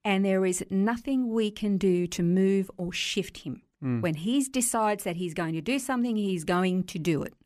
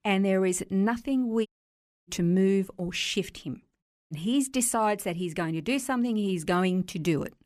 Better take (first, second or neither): first